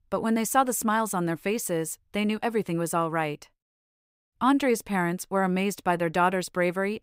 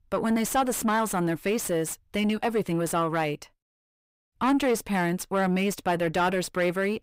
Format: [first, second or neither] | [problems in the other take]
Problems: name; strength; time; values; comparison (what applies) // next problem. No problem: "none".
first | distortion; slight; 9 dB below the speech